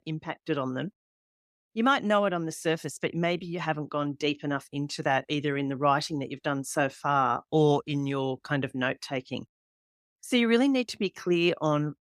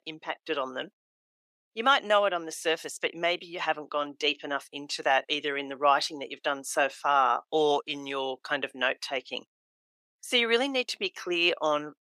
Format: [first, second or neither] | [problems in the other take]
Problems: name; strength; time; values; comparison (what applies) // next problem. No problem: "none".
first | thin; somewhat; fading below 550 Hz